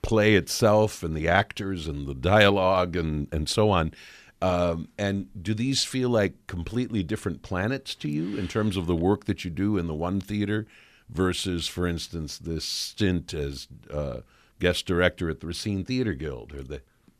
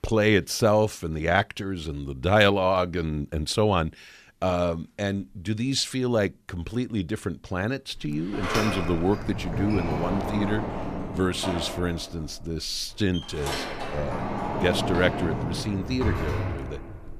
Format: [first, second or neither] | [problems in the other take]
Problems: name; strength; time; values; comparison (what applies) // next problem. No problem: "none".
first | door banging; noticeable; from 8 s on; peak 1 dB below the speech